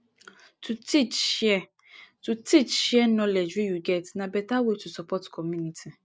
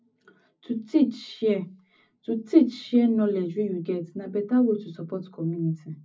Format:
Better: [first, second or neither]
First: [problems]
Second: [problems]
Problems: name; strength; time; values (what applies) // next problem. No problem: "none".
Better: first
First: none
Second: room echo; dies away in 0.4 s